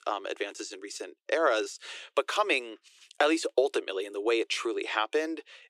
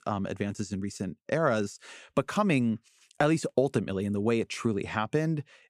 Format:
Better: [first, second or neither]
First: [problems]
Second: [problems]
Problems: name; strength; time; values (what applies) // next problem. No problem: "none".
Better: second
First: thin; very; fading below 350 Hz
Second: none